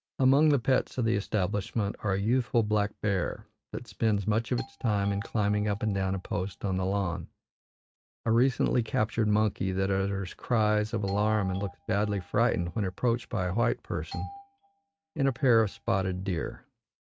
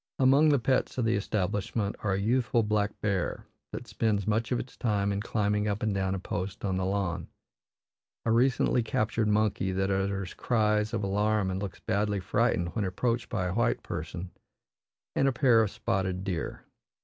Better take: second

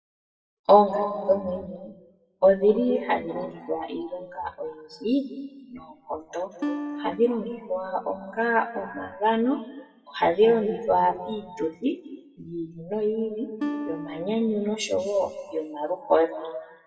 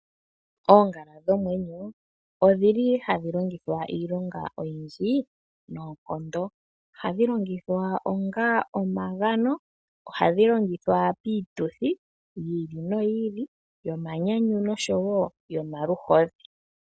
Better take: second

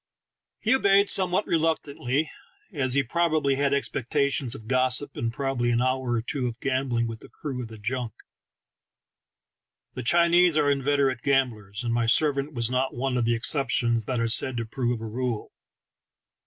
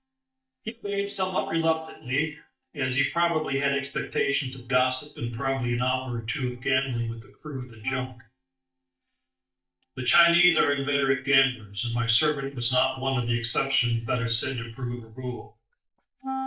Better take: first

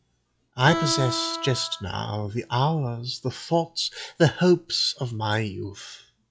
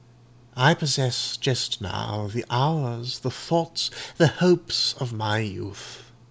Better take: second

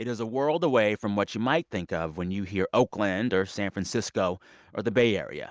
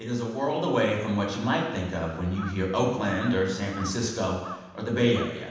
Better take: first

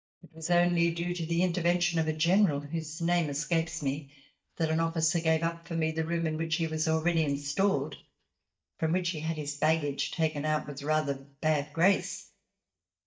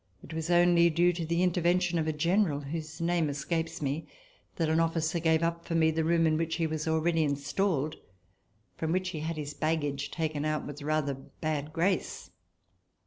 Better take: second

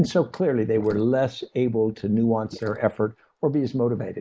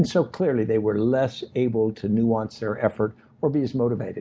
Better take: second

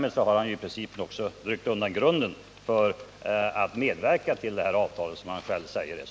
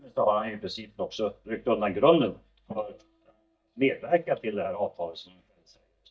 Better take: first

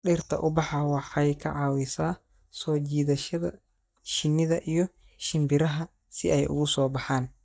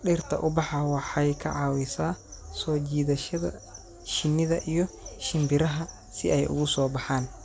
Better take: second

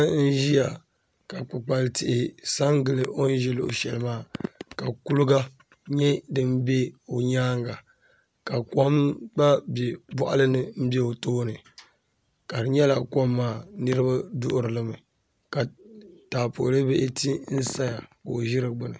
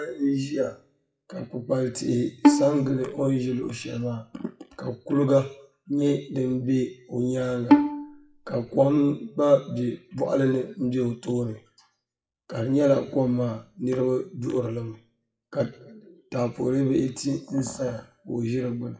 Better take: first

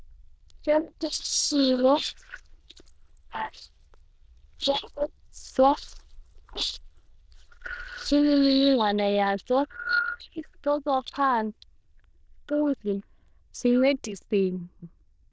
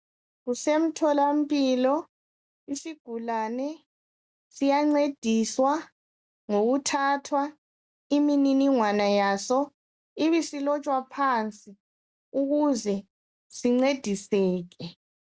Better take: second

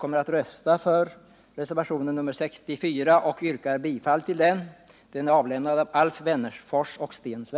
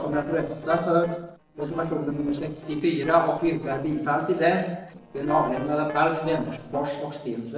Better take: first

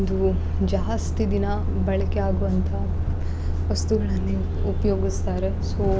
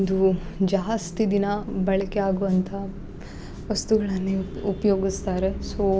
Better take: second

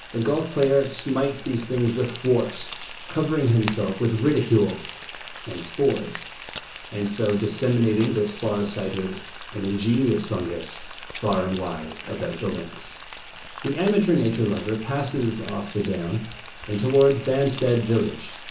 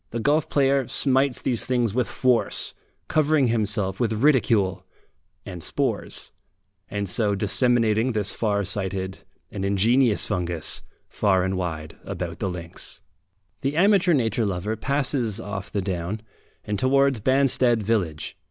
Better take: second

